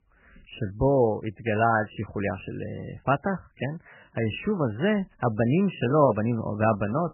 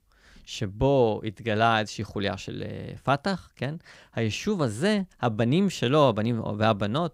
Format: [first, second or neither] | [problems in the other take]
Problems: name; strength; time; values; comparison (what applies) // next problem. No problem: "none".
second | garbled, watery; badly; nothing above 3 kHz